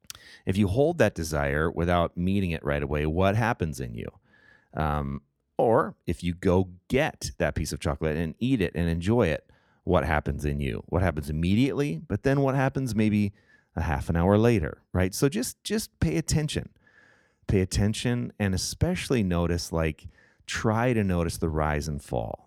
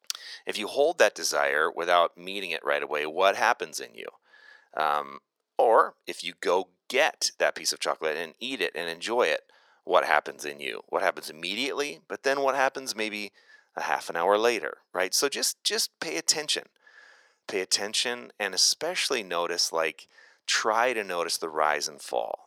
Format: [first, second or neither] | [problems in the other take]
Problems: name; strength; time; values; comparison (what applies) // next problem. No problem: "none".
first | thin; very; fading below 500 Hz